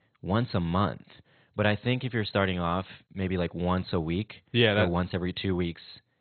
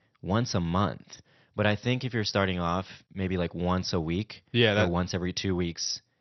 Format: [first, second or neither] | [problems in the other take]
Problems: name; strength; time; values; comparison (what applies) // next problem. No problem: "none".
second | garbled, watery; badly; nothing above 4 kHz; slightly in the second